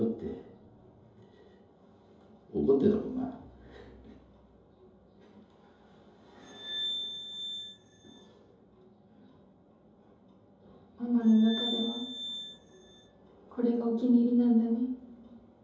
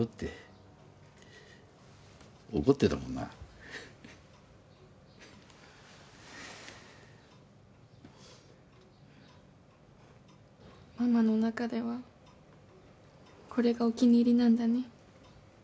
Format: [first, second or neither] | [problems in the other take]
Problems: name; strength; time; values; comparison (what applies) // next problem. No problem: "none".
second | background sound (Glass); 7 dB below the speech // room echo; dies away in 2.8 s